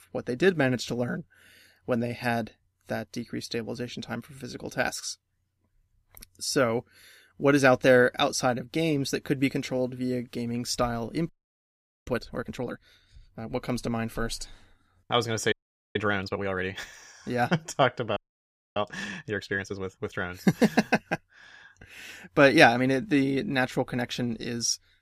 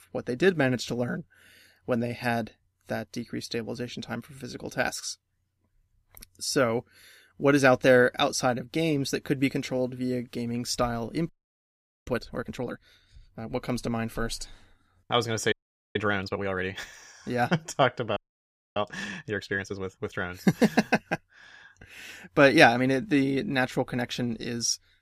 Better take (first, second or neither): neither